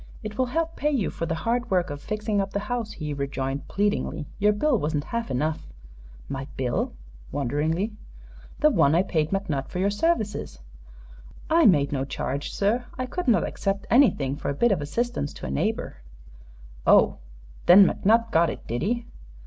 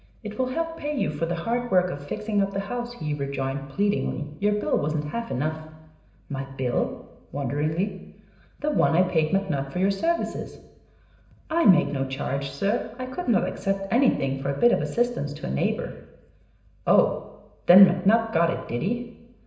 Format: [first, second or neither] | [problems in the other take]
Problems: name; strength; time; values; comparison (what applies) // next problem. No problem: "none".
first | room echo; dies away in 0.9 s